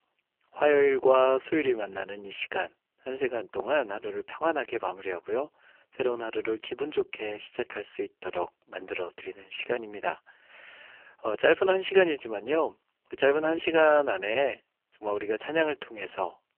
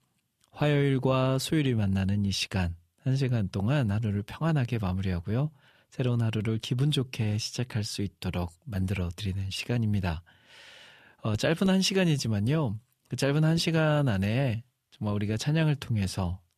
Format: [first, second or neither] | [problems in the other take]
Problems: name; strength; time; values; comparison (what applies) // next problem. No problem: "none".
second | phone-call audio; poor line; nothing above 3 kHz